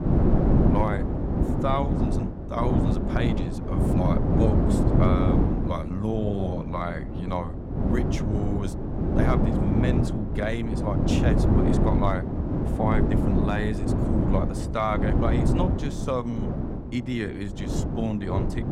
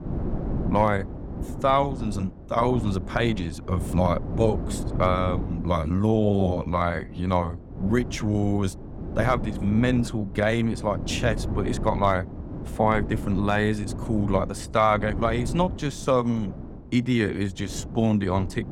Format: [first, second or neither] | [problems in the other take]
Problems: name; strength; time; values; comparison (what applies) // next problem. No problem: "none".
second | wind noise on the microphone; heavy; as loud as the speech; occasional gusts in the second